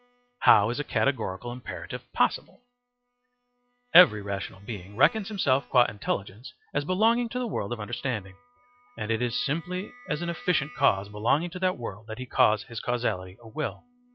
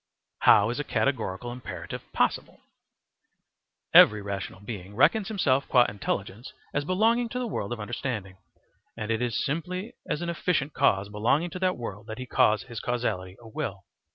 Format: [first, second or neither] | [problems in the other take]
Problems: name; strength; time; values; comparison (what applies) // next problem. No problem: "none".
second | noise reduction (classical method log-MMSE)